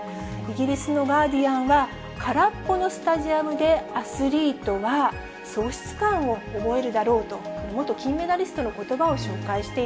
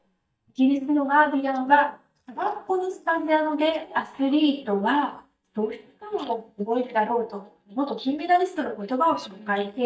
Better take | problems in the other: first | noise reduction (neural mask model DeepFilterNet 3)

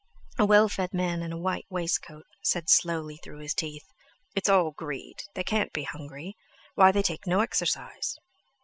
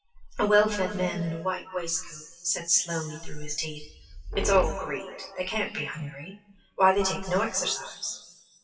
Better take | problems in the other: first | noise reduction (classical method WPE with log-MMSE)

